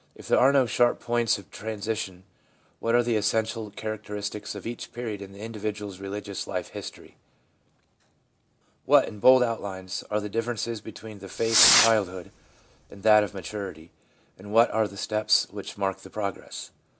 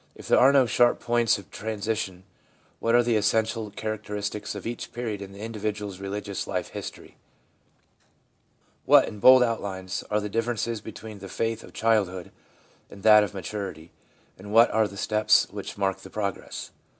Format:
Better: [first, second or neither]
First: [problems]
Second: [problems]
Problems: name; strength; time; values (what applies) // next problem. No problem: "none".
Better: second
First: background sound (Fireworks); as loud as the speech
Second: none